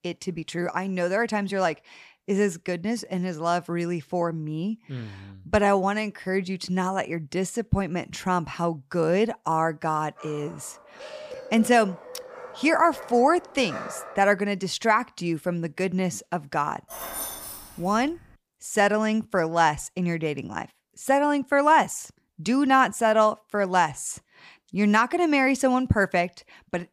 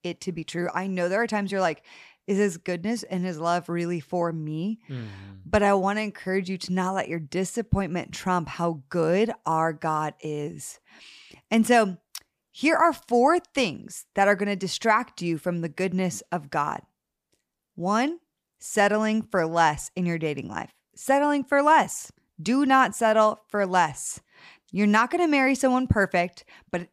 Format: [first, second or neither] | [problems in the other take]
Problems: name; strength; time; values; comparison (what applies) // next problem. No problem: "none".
second | dog barking; faint; from 10 to 14 s; peak 10 dB below the speech // jangling keys; noticeable; from 17 to 18 s; peak 7 dB below the speech